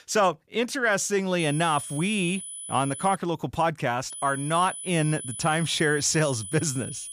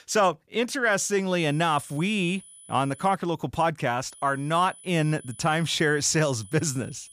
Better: second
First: high-pitched whine; loud; from 1.5 to 3 s and from 4 s on; 10 kHz, 9 dB below the speech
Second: high-pitched whine; faint; from 1.5 to 3 s and from 4 s on; 10 kHz, 20 dB below the speech

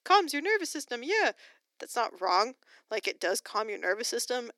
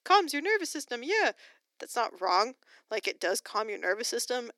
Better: neither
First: thin; somewhat; fading below 300 Hz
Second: thin; somewhat; fading below 300 Hz

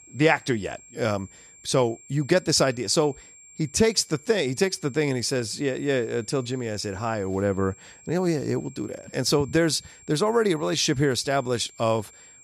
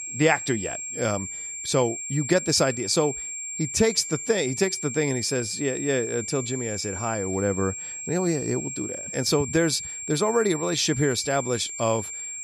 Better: first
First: high-pitched whine; faint; throughout; 7.5 kHz, 25 dB below the speech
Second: high-pitched whine; loud; throughout; 7.5 kHz, 6 dB below the speech

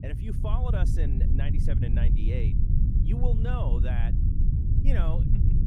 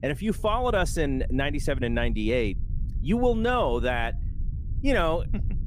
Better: second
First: low rumble; loud; throughout; 2 dB below the speech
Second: low rumble; faint; throughout; 25 dB below the speech

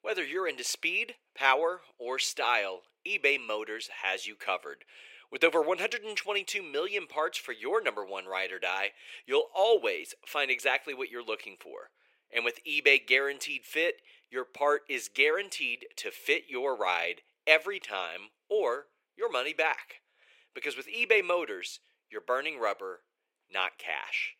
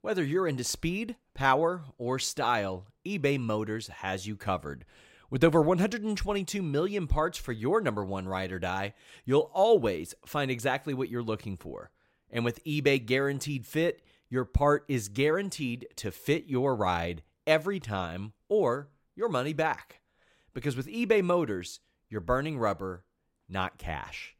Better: second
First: thin; very; fading below 400 Hz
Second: none

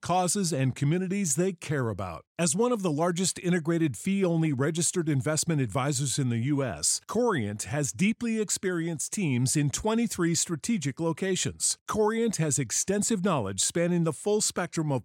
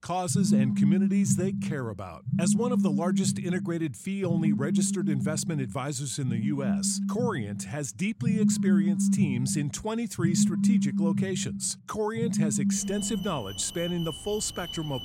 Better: first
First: none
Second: alarms or sirens; very loud; throughout; 3 dB above the speech

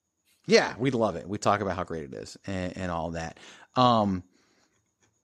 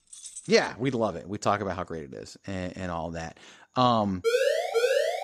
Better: first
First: none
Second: jangling keys; faint; at the start; peak 10 dB below the speech // siren; loud; at 4 s; peak 4 dB above the speech

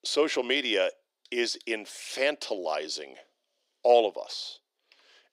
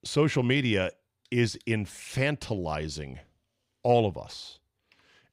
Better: second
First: thin; very; fading below 300 Hz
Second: none

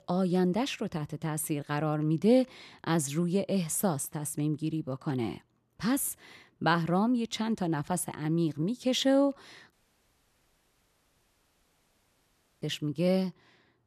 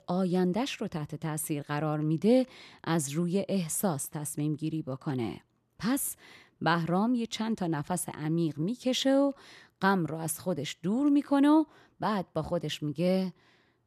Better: second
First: audio cutting out; at 9.5 s for 3 s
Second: none

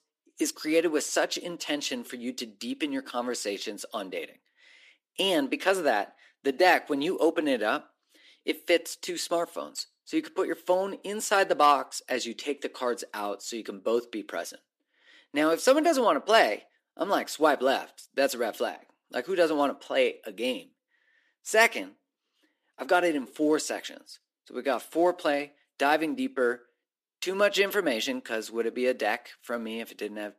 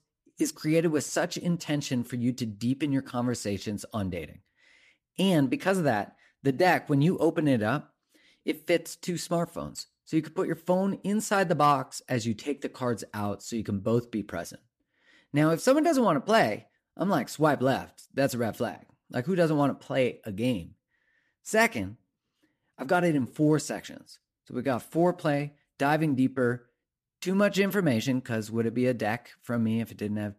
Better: second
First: thin; somewhat; fading below 300 Hz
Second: none

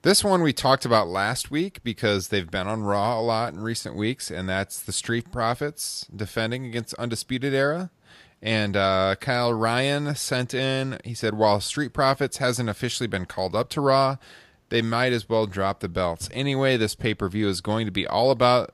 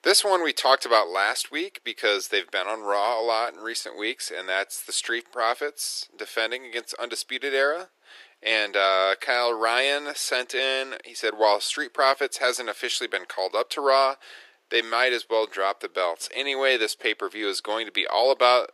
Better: first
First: none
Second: thin; very; fading below 350 Hz

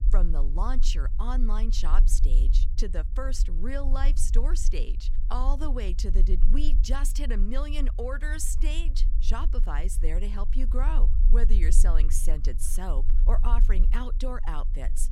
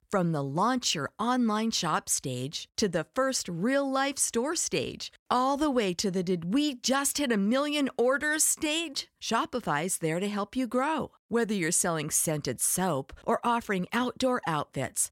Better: second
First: low rumble; noticeable; throughout; 15 dB below the speech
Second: none

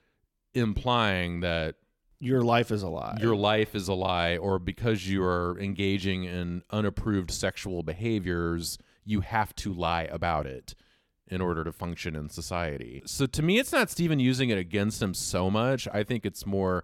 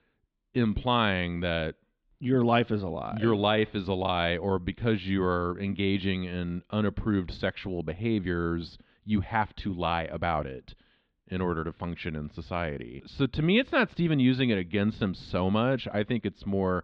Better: first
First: none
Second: muffled; slightly; fading above 3.5 kHz

